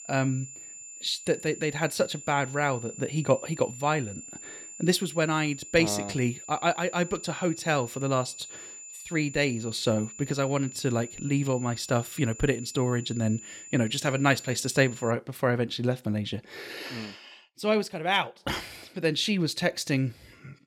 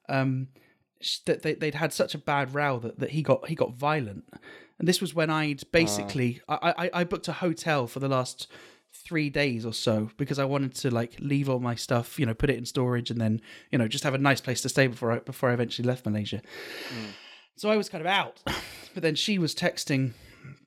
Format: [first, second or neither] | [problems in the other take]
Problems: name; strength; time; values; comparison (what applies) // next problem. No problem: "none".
second | high-pitched whine; noticeable; until 15 s; 7 kHz, 15 dB below the speech